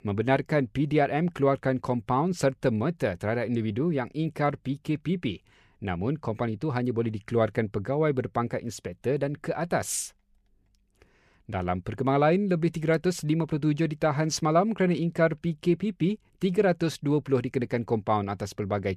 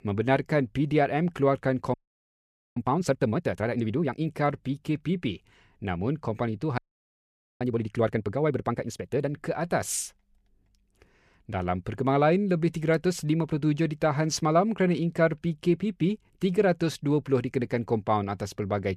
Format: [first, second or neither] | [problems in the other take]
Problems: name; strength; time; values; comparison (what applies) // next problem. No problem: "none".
first | audio freezing; at 2 s for 1 s and at 7 s for 1 s